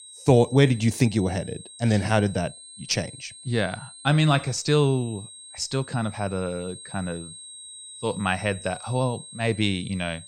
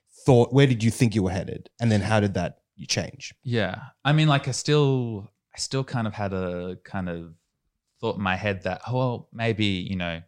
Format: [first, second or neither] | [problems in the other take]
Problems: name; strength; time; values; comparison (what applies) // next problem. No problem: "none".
second | high-pitched whine; noticeable; throughout; 8.5 kHz, 15 dB below the speech